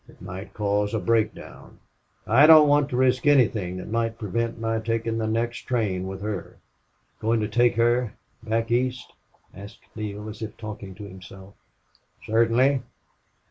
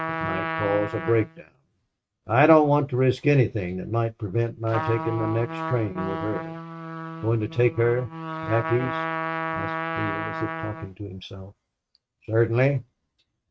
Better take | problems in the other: first | noise reduction (neural mask model RNNoise)

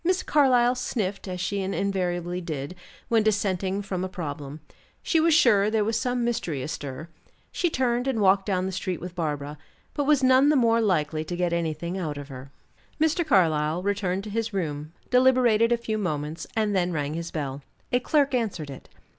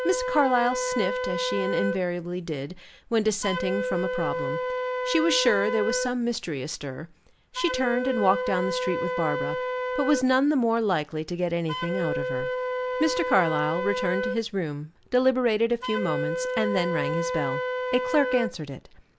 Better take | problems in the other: first | background sound (Wind instrument, woodwind instrument); 3 dB below the speech

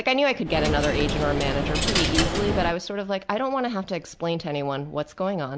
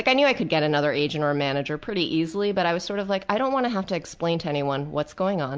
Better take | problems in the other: second | background sound (Coin (dropping)); 1 dB above the speech

